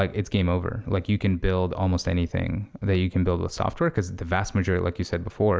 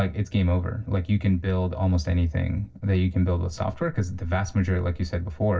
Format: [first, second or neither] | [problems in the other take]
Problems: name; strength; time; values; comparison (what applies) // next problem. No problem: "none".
first | noise reduction (neural separator model SepFormer DNS4)